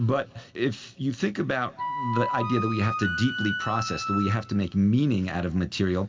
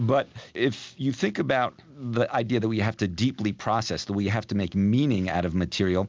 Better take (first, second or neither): second